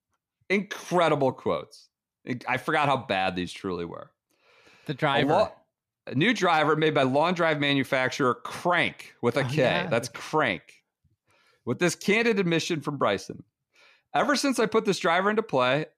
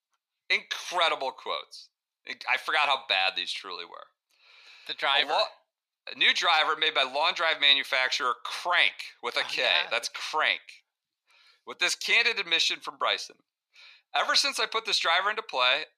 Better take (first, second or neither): first